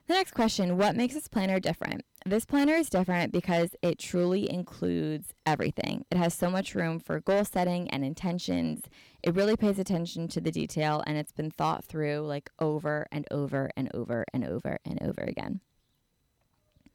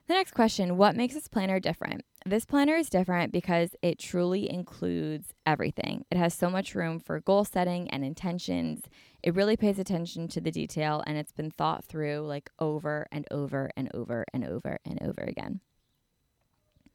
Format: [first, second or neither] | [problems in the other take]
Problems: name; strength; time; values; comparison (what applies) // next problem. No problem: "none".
second | distortion; slight; 3% of the sound clipped